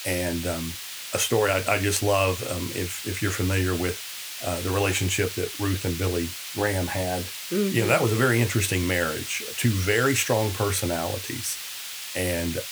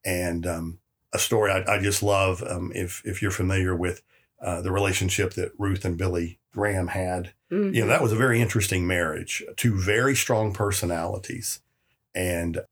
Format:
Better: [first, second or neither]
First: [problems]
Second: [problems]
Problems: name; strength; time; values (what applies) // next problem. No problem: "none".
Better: second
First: hiss; loud; throughout; 7 dB below the speech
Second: none